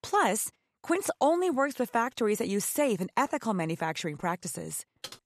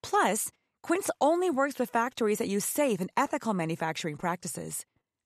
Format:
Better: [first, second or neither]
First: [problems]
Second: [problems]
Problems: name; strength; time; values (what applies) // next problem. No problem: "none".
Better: second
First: keyboard typing; faint; at 5 s; peak 15 dB below the speech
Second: none